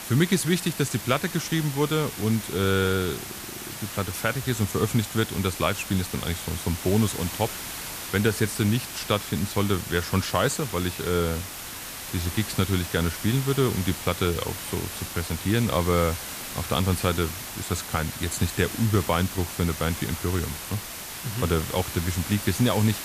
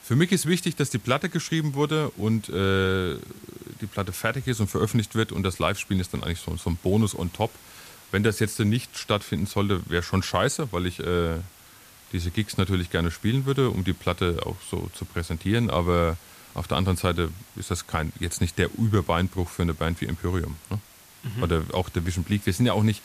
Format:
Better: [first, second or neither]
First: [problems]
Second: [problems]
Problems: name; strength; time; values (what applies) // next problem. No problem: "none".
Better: second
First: hiss; loud; throughout; 8 dB below the speech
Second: hiss; faint; throughout; 20 dB below the speech